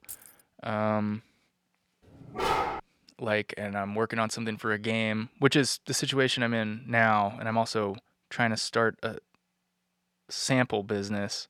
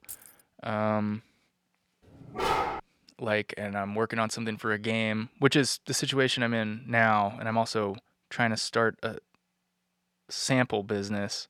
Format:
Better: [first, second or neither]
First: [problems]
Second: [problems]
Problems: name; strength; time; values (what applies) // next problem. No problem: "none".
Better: neither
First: jangling keys; faint; at the start; peak 15 dB below the speech // dog barking; loud; at 2.5 s; peak level with the speech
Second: jangling keys; faint; at the start; peak 15 dB below the speech // dog barking; loud; at 2.5 s; peak level with the speech